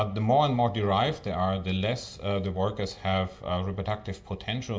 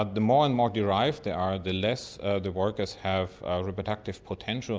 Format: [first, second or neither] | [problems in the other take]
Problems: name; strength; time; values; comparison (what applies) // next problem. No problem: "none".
second | room echo; dies away in 0.5 s